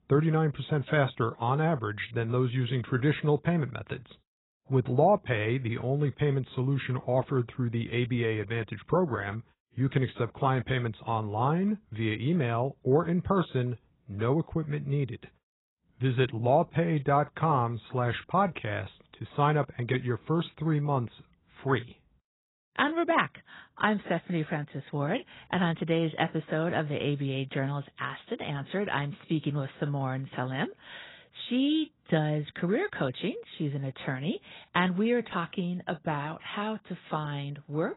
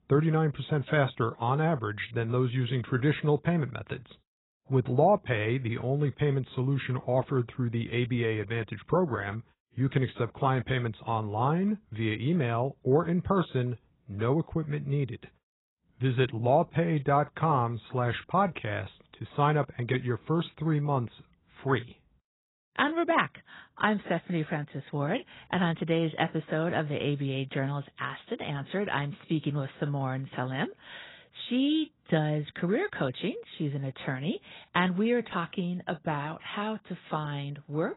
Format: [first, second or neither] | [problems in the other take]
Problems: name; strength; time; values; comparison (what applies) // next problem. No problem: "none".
neither | garbled, watery; badly; nothing above 4 kHz; the same in both